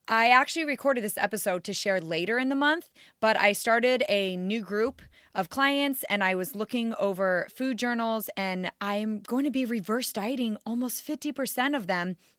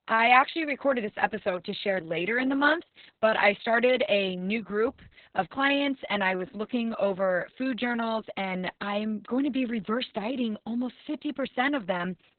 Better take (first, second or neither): first